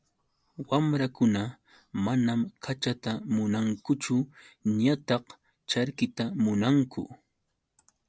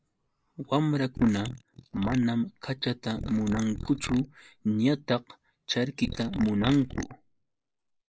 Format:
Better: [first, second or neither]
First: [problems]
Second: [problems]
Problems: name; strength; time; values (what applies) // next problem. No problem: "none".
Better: first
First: none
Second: noise reduction (neural mask model Resemble Enhance denoiser)